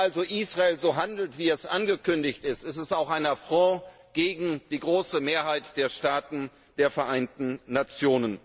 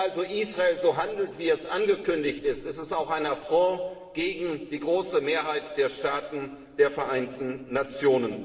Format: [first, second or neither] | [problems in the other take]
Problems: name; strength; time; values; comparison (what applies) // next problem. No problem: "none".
first | room echo; dies away in 1.9 s